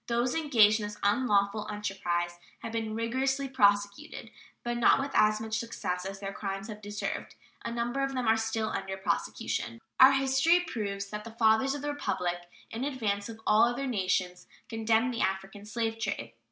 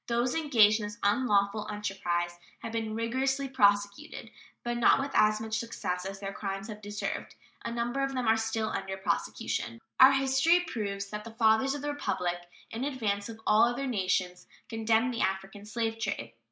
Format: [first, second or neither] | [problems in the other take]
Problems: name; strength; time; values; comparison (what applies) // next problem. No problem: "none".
first | noise reduction (neural mask model Resemble Enhance denoiser)